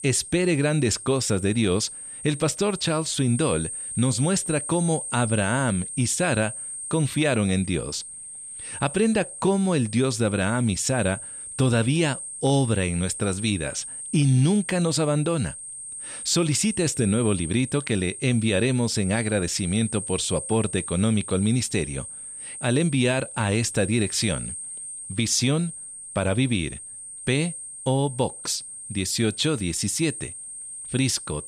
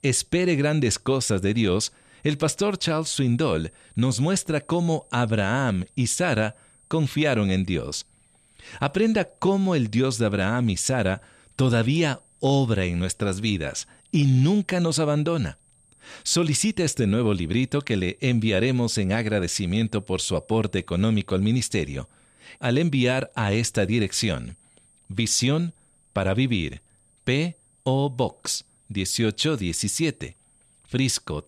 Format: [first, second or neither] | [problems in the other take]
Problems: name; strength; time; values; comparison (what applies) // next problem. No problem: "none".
second | high-pitched whine; loud; throughout; 8.5 kHz, 9 dB below the speech; faint in the second